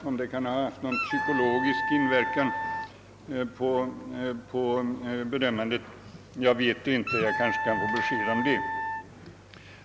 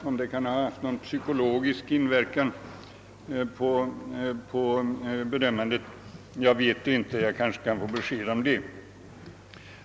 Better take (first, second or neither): second